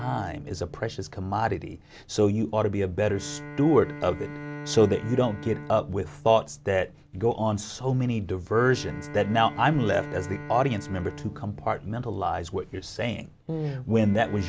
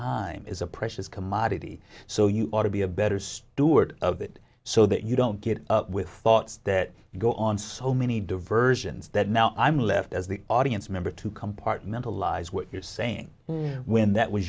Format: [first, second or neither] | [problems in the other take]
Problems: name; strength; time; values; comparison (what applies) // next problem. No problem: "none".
second | background sound (Bowed string instrument); 15 dB below the speech